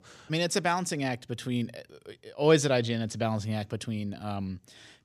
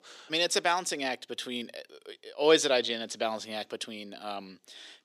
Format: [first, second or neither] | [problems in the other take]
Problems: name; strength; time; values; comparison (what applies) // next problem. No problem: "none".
first | thin; somewhat; fading below 350 Hz